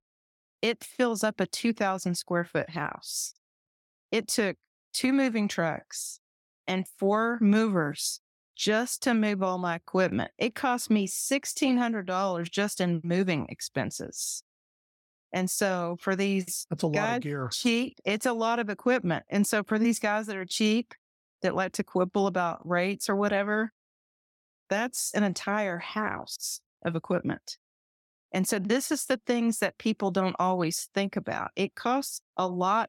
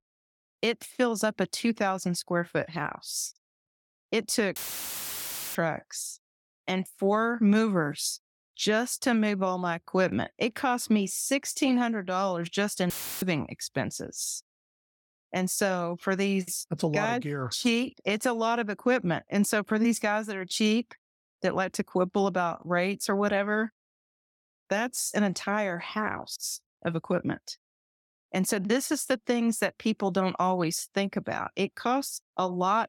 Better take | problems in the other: first | audio cutting out; filled with static; at 4.5 s for 1 s and at 13 s

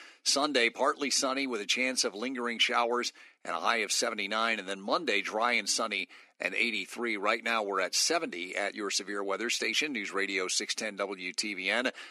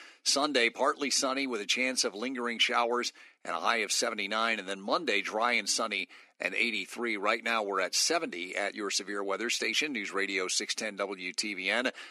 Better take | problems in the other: neither | thin; somewhat; fading below 300 Hz; the same in both

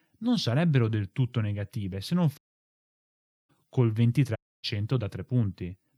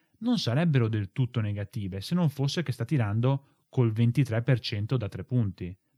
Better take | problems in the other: second | audio cutting out; at 2.5 s for 1 s and at 4.5 s

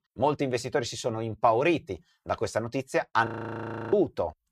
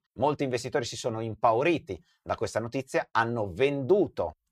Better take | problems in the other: second | audio freezing; at 3.5 s for 0.5 s

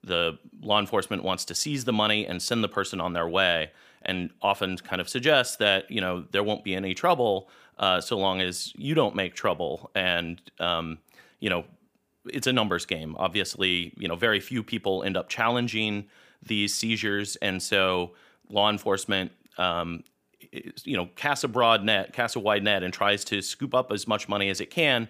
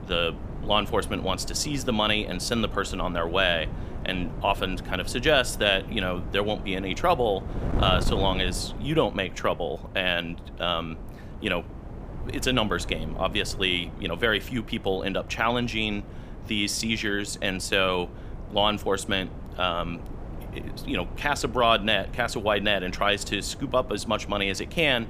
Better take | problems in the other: first | wind noise on the microphone; occasional gusts; 20 dB below the speech

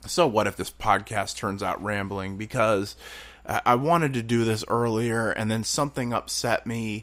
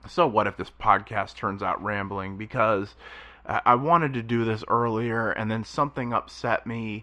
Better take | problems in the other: first | muffled; very; fading above 2.5 kHz

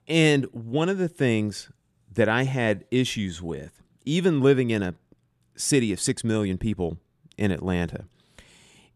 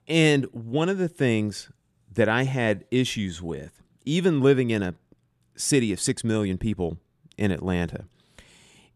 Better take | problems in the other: neither | none

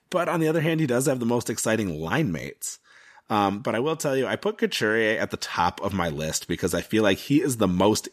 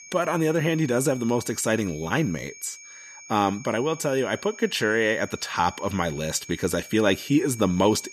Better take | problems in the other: first | high-pitched whine; noticeable; throughout; 6.5 kHz, 15 dB below the speech

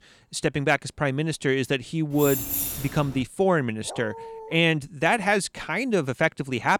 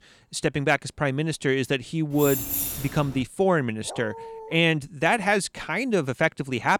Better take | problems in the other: neither | jangling keys; noticeable; from 2 to 3 s; peak level with the speech; the same in both // dog barking; faint; at 4 s; peak 15 dB below the speech; the same in both

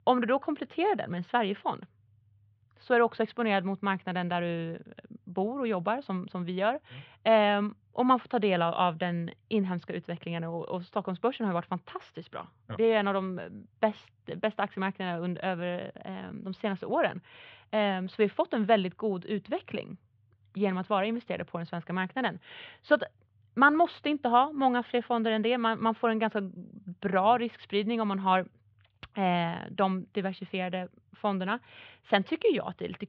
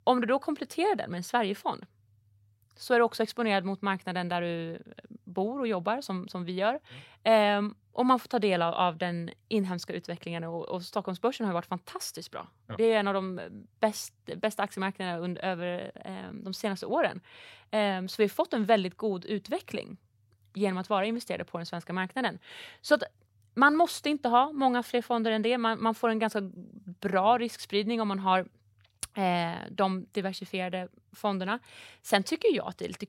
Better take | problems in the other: second | muffled; very; fading above 3.5 kHz

